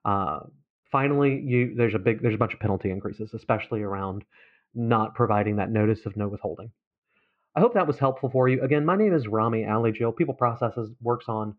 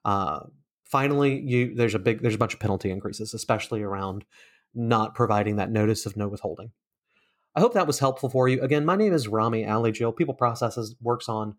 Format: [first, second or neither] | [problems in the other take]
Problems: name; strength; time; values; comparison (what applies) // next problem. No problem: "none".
second | muffled; very; fading above 2.5 kHz